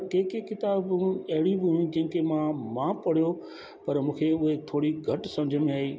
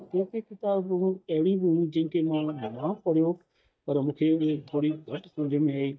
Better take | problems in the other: first | noise reduction (neural mask model DeepFilterNet 3)

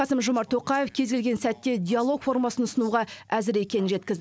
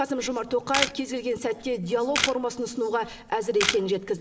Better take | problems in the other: first | background sound (Camera); 5 dB below the speech // room echo; dies away in 1.7 s

